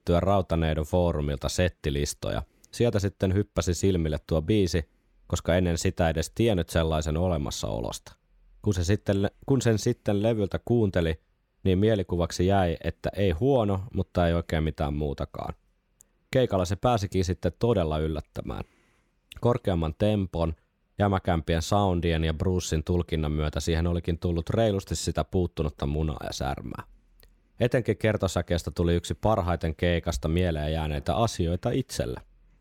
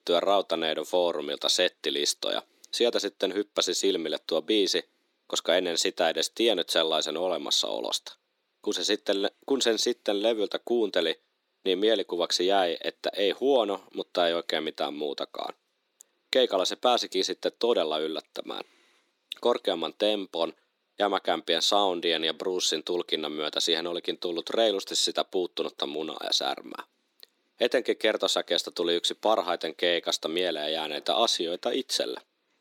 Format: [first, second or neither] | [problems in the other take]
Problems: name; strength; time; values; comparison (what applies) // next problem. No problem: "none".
first | thin; somewhat; fading below 300 Hz